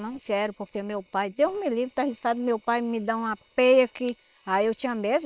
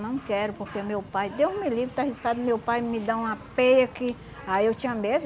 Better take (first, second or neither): second